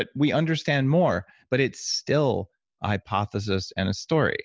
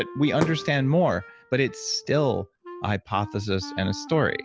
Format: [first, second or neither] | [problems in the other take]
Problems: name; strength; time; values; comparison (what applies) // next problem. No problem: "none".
first | background sound (Fireworks + Wind instrument, woodwind instrument); 13 dB below the speech